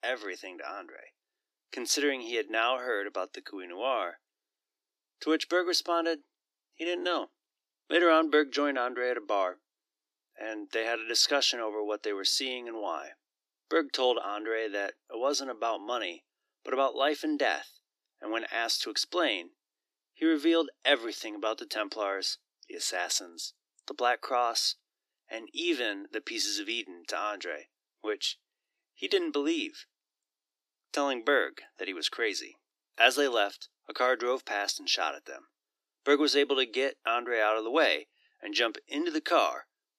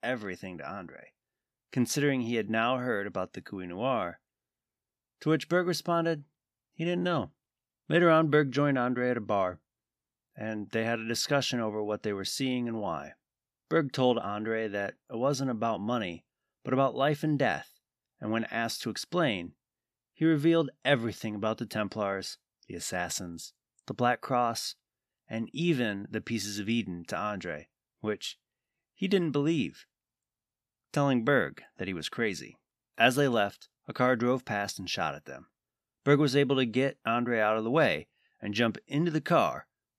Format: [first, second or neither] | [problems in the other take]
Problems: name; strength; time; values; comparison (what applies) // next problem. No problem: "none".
second | thin; somewhat; fading below 300 Hz